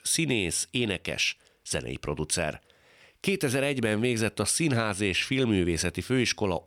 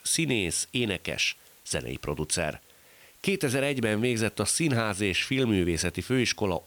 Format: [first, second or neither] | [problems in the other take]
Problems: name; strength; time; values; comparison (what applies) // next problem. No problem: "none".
first | hiss; faint; throughout; 25 dB below the speech